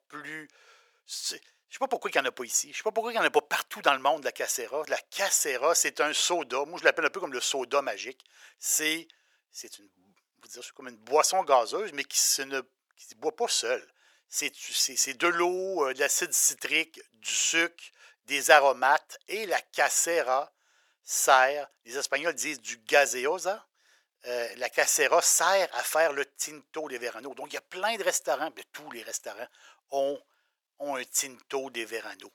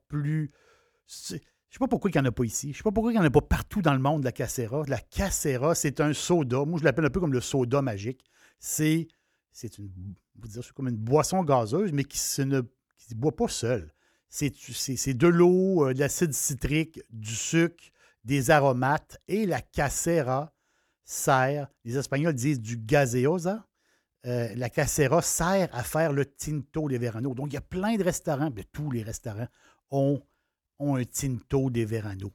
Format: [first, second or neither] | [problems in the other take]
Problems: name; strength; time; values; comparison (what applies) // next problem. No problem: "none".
second | thin; very; fading below 550 Hz